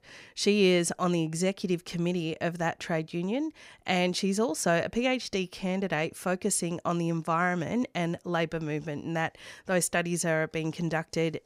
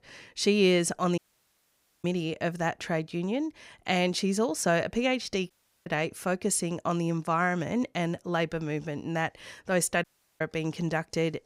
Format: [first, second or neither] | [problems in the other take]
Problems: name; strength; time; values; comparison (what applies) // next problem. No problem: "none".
first | audio cutting out; at 1 s for 1 s, at 5.5 s and at 10 s